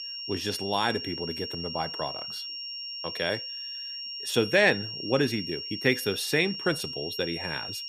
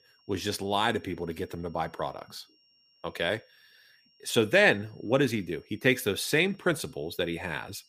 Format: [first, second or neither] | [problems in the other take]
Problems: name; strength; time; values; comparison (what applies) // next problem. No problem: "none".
second | high-pitched whine; loud; throughout; 5.5 kHz, 6 dB below the speech; faint in the second